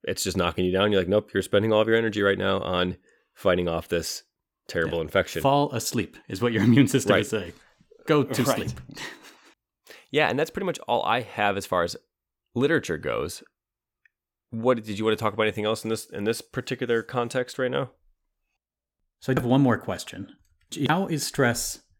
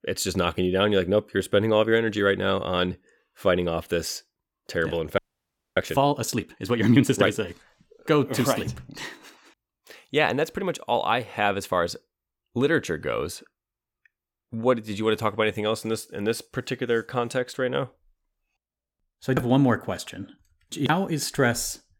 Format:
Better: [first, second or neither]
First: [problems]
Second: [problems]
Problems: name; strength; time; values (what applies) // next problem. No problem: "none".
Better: first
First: none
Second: audio freezing; at 5 s for 0.5 s